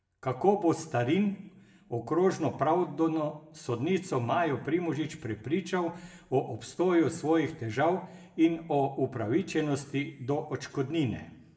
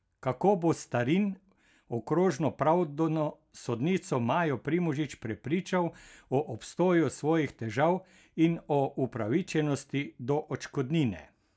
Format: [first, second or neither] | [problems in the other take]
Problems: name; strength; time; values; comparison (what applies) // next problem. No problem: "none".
second | room echo; dies away in 0.6 s